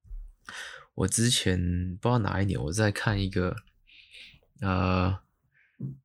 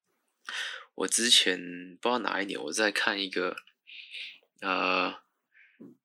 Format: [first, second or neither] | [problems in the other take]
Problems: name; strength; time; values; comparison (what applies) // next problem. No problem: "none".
first | thin; somewhat; fading below 250 Hz